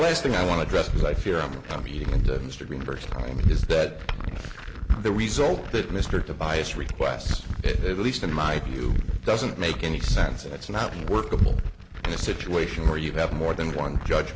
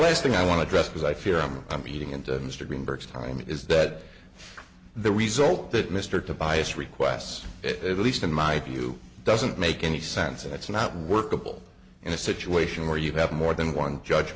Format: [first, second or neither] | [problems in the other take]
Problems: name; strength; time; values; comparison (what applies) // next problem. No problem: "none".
second | background sound (Glass); as loud as the speech